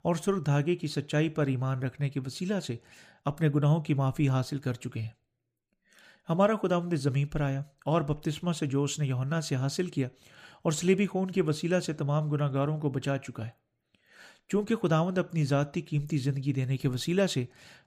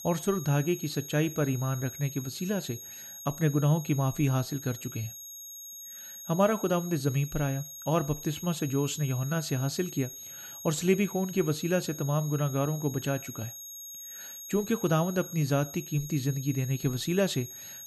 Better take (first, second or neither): first